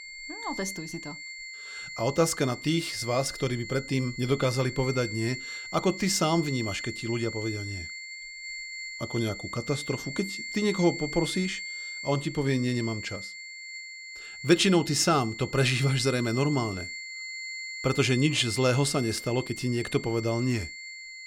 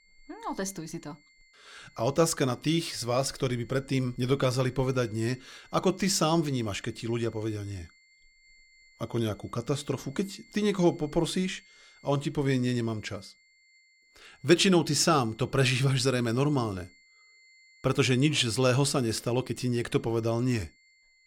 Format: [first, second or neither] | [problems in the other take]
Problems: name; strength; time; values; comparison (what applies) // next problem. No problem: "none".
second | high-pitched whine; loud; throughout; 2 kHz, 9 dB below the speech; faint in the second